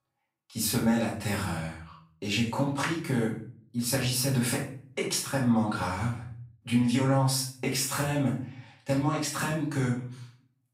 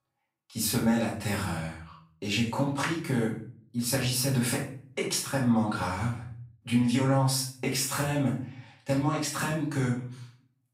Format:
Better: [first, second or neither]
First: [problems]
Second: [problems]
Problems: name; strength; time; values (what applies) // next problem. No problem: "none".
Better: neither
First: off-mic speech; far // room echo; noticeable; dies away in 0.4 s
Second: off-mic speech; far // room echo; noticeable; dies away in 0.4 s